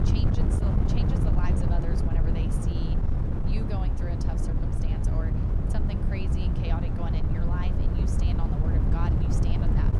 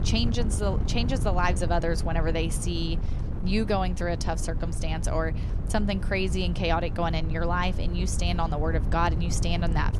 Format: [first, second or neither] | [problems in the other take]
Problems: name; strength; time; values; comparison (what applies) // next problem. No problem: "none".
second | wind noise on the microphone; heavy; 4 dB above the speech; occasional gusts in the second